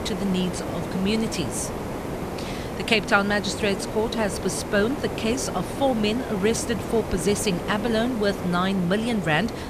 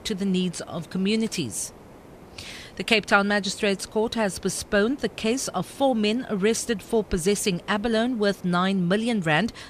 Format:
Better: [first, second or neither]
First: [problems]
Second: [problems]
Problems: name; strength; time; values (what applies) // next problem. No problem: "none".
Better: second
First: hiss; loud; throughout; 7 dB below the speech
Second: hiss; faint; throughout; 25 dB below the speech